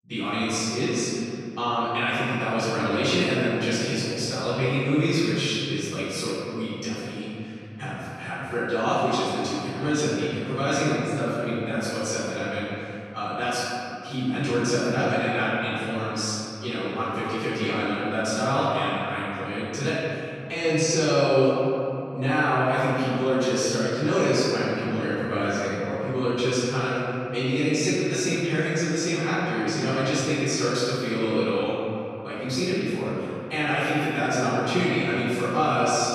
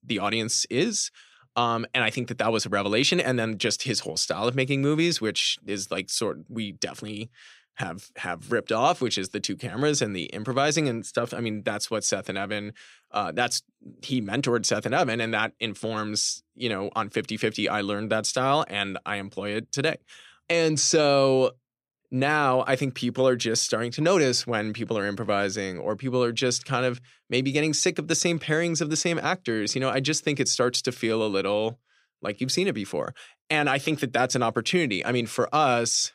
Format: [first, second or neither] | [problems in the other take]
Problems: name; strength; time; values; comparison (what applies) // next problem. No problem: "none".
second | off-mic speech; far // room echo; strong; dies away in 2.8 s